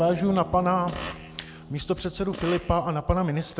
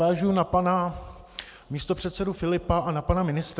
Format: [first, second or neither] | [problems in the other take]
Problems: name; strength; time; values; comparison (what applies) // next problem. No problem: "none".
second | background sound (Bowed string instrument + Fart); 14 dB below the speech